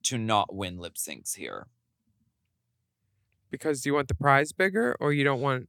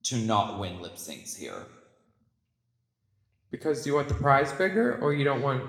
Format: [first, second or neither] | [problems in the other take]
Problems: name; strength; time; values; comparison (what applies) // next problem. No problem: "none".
first | room echo; slight; dies away in 0.9 s